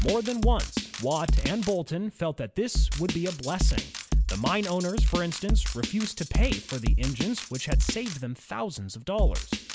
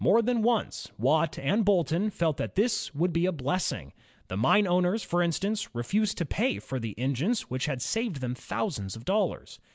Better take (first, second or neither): second